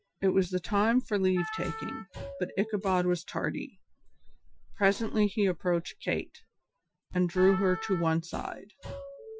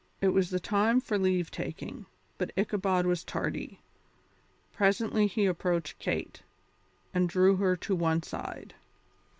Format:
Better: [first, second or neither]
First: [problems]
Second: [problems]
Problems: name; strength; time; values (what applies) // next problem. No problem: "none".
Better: second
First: noise reduction (classical method Wiener filter)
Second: none